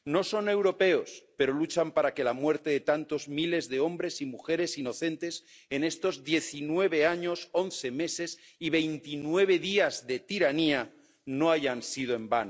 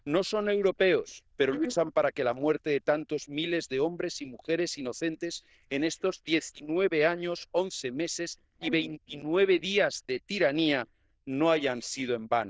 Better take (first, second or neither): first